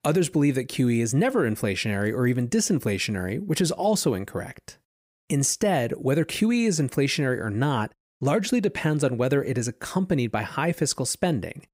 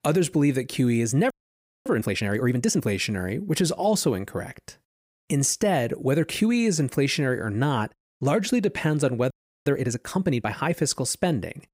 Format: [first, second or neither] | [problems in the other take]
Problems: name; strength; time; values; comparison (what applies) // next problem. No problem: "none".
first | audio freezing; at 1.5 s for 0.5 s and at 9.5 s